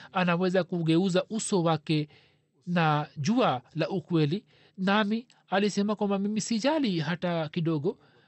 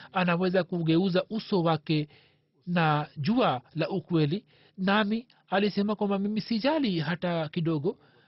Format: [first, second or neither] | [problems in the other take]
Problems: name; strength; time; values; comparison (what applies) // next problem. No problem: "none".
first | garbled, watery; badly; nothing above 5.5 kHz; slightly in the first